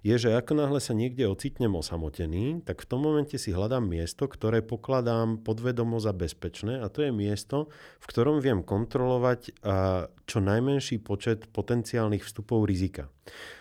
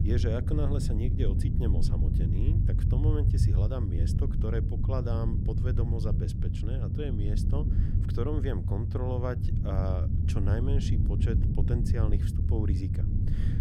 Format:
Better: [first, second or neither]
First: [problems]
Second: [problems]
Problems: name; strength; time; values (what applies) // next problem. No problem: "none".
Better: first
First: none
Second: low rumble; loud; throughout; 3 dB below the speech